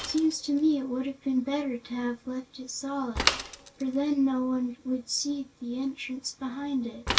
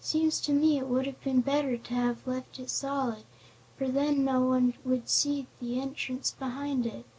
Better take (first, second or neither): second